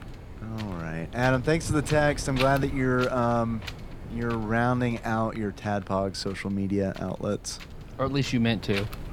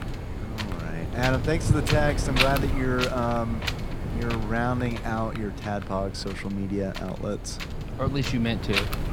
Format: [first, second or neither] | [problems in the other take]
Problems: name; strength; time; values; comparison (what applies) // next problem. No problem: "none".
first | wind noise on the microphone; heavy; 2 dB below the speech; occasional gusts in the first